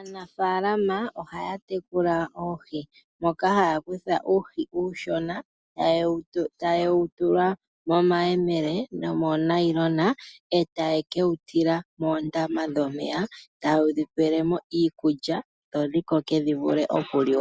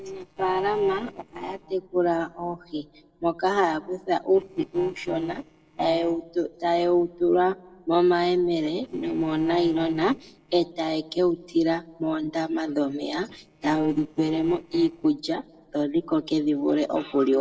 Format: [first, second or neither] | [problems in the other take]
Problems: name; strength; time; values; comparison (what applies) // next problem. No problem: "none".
first | noise reduction (neural separator model SepFormer DNS4)